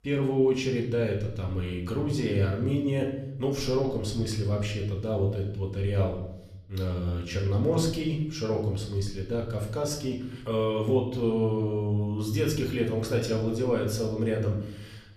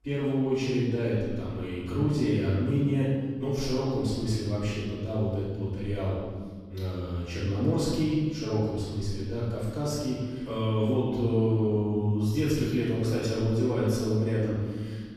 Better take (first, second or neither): first